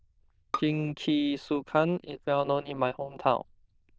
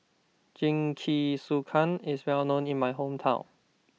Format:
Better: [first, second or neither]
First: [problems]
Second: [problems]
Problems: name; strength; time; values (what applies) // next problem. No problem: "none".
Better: second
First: noise reduction (neural diffusion model UNIVERSE++)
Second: none